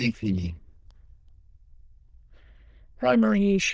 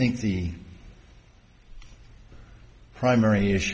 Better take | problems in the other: second | noise reduction (neural diffusion model UNIVERSE++)

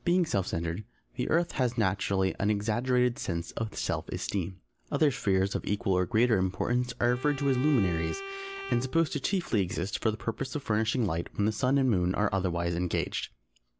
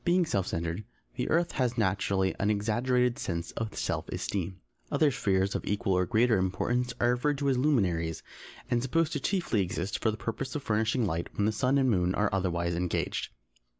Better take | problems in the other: second | background sound (Bowed string instrument); 13 dB below the speech

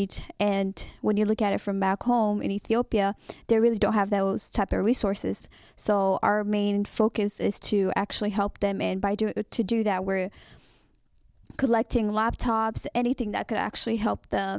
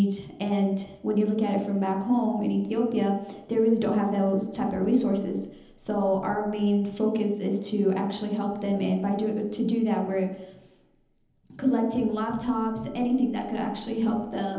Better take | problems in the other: first | room echo; dies away in 0.9 s

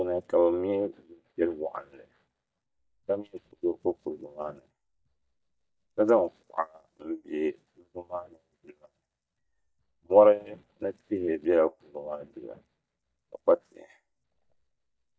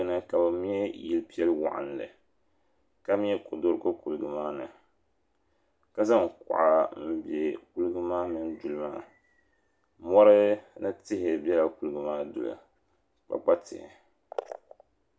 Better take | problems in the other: second | noise reduction (neural mask model DeepFilterNet 3)

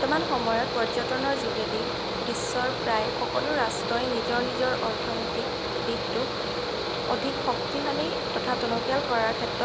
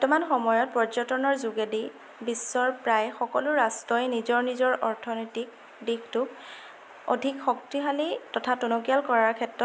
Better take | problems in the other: second | background sound (Mechanical fan); as loud as the speech

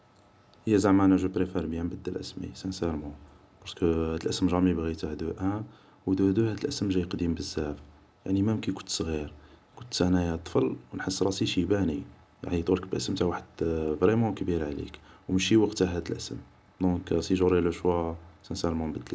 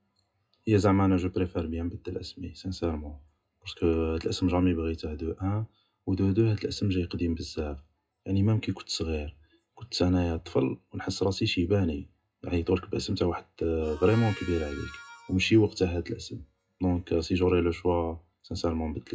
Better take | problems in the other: first | noise reduction (classical method WPE with log-MMSE)

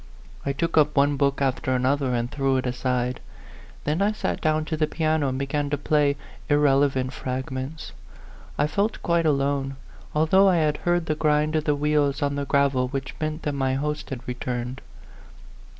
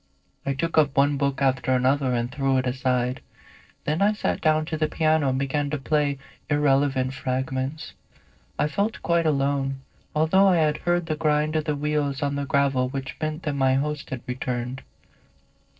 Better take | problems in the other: first | noise reduction (neural separator model SepFormer DNS4)

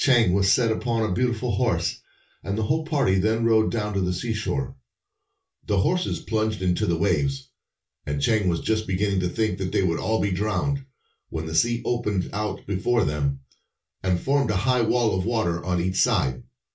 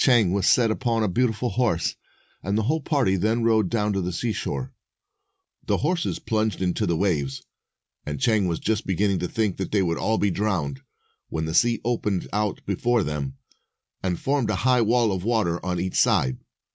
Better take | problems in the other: second | room echo; dies away in 0.2 s

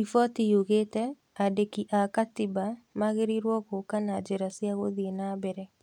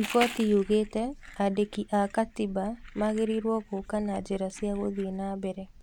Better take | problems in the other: first | background sound (Crumpling, crinkling); 14 dB below the speech

